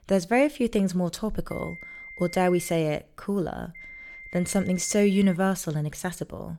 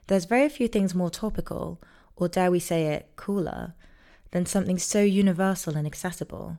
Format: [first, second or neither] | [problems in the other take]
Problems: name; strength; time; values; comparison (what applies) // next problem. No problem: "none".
second | high-pitched whine; noticeable; from 1.5 to 3 s and from 4 to 5.5 s; 2 kHz, 15 dB below the speech